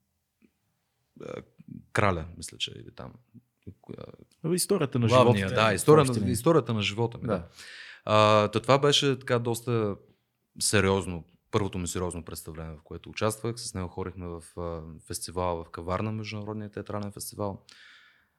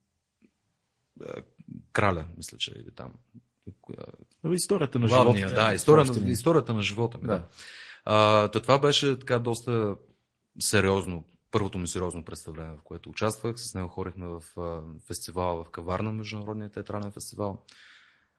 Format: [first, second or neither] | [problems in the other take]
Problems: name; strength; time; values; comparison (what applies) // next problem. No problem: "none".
first | garbled, watery; slightly